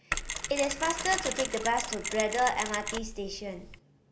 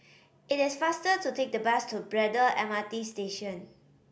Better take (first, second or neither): second